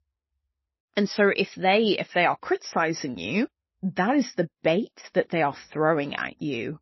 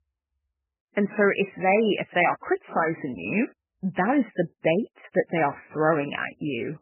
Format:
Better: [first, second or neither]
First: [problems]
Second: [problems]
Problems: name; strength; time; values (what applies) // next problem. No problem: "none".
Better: first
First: garbled, watery; slightly; nothing above 5.5 kHz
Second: garbled, watery; badly; nothing above 3 kHz